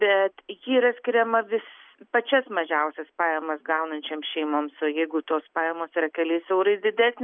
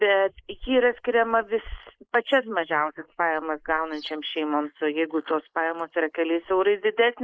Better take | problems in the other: first | noise reduction (neural mask model Resemble Enhance denoiser)

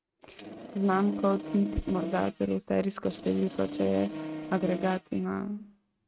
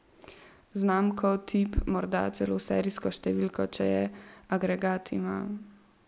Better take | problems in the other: second | noise reduction (neural mask model RNNoise)

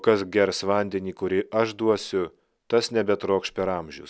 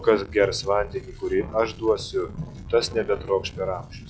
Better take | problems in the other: first | noise reduction (classical method log-MMSE)

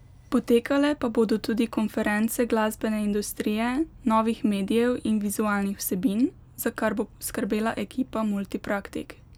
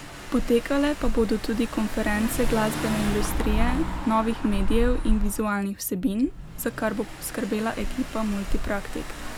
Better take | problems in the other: first | background sound (Engine / Car); 2 dB below the speech

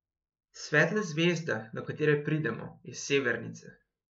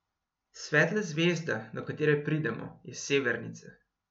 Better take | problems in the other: second | noise reduction (neural mask model Resemble Enhance denoiser)

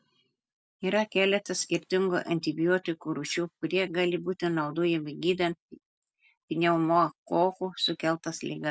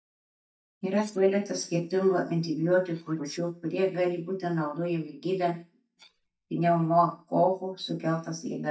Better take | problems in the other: first | noise reduction (neural mask model DeepFilterNet 3)

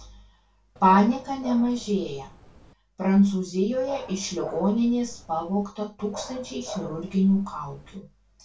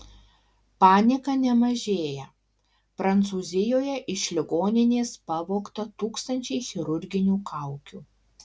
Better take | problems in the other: second | background sound (Dog); 16 dB below the speech // room echo; dies away in 0.2 s

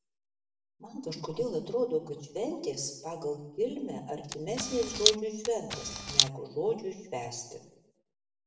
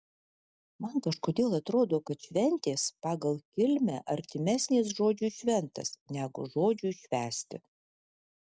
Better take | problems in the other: second | background sound (Camera); 4 dB above the speech // room echo; dies away in 0.7 s

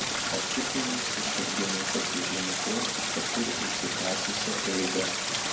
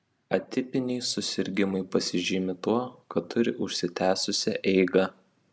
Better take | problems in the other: second | background sound (Stream); 5 dB above the speech // room echo; dies away in 0.6 s

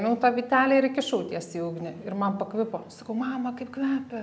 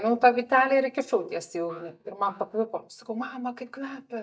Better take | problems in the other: first | noise reduction (neural mask model DeepFilterNet 3)

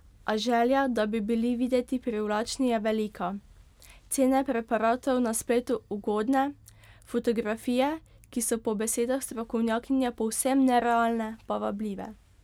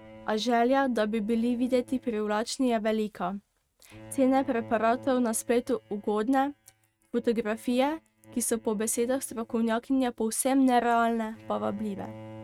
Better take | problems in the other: first | noise reduction (neural mask model RNNoise)

